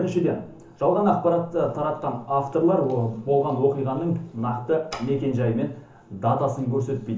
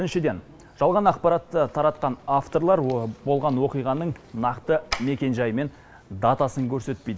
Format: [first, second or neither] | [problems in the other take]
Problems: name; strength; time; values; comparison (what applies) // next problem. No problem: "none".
second | room echo; dies away in 0.8 s